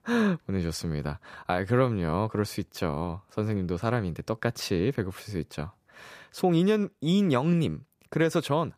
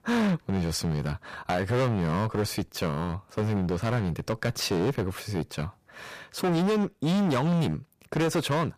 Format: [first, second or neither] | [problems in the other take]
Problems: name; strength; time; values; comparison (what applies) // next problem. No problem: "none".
first | distortion; heavy; 17% of the sound clipped